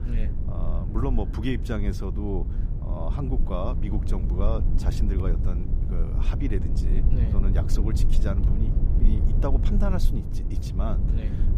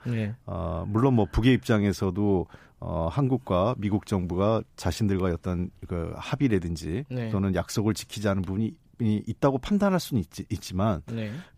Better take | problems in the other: second | low rumble; loud; throughout; 5 dB below the speech

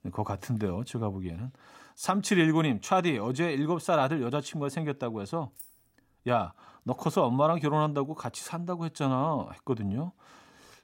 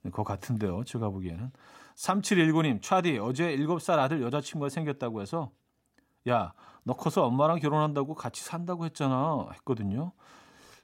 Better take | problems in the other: second | jangling keys; faint; at 5.5 s; peak 20 dB below the speech

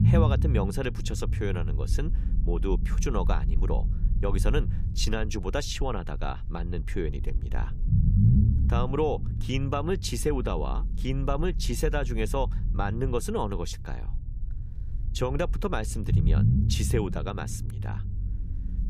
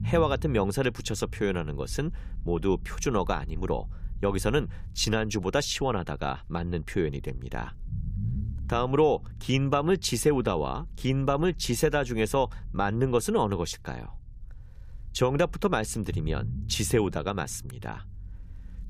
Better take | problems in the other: second | low rumble; loud; throughout; 9 dB below the speech; faint in the second

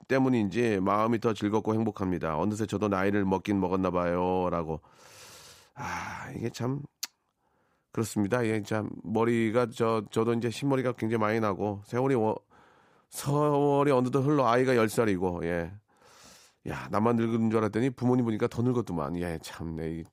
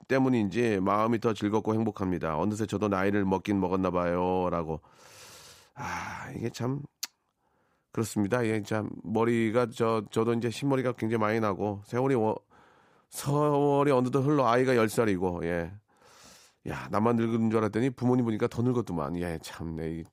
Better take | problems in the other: neither | none

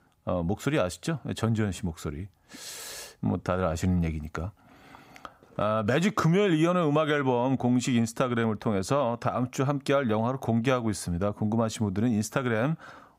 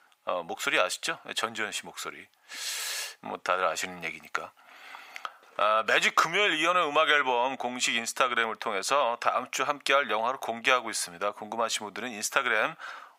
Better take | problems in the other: first | thin; very; fading below 750 Hz

